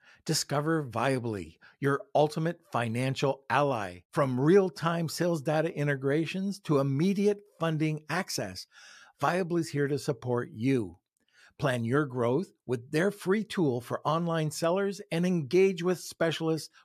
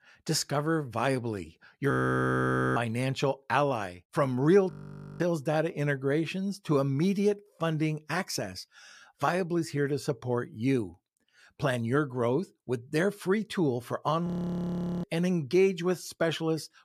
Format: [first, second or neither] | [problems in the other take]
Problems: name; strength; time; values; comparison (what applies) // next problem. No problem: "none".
first | audio freezing; at 2 s for 1 s, at 4.5 s and at 14 s for 1 s